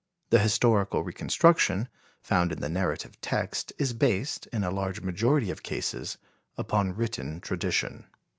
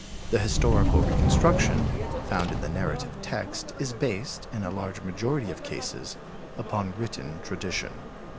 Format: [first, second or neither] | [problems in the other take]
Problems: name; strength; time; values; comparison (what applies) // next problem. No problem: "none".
first | background sound (Subway, metro, underground); 2 dB above the speech